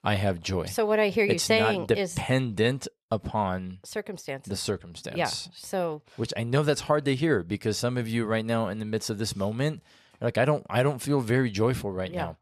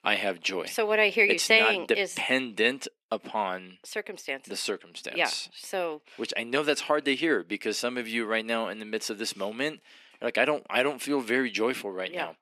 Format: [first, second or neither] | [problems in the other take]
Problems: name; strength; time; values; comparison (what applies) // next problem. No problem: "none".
first | thin; very slightly; fading below 250 Hz